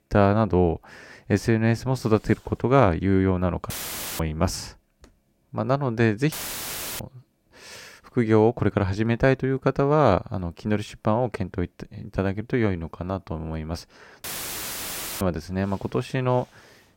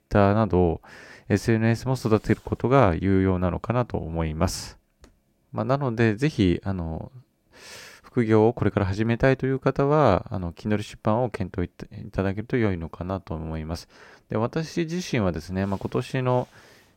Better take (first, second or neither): second